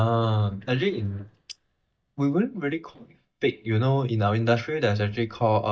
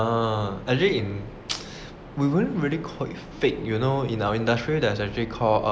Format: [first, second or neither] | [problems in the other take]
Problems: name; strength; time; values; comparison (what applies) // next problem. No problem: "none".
second | noise reduction (neural mask model DeepFilterNet 3)